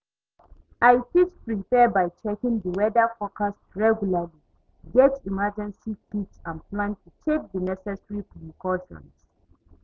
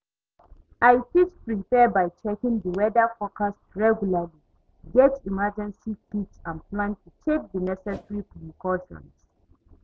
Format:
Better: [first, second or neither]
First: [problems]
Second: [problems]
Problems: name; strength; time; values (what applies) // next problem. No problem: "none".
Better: first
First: none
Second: background sound (Whoosh, swoosh, swish); 17 dB below the speech